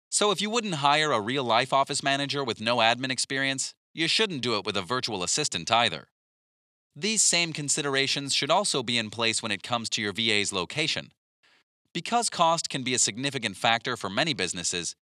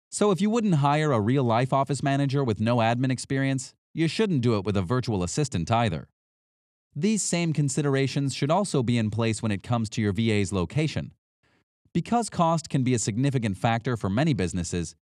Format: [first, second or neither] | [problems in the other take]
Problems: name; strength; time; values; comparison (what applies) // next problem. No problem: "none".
second | thin; somewhat; fading below 1 kHz